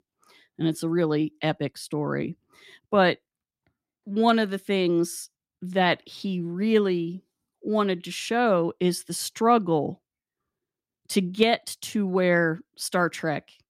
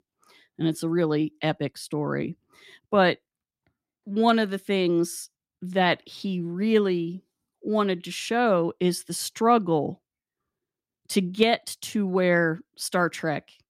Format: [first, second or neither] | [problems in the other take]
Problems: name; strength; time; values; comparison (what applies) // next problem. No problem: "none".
neither | none